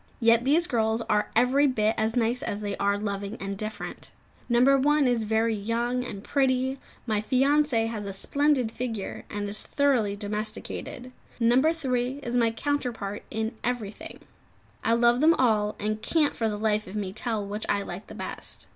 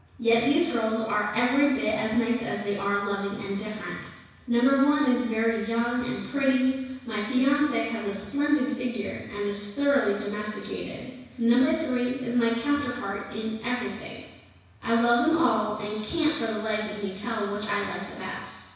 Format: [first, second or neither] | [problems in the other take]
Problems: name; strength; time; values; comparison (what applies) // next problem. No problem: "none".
first | room echo; dies away in 1.1 s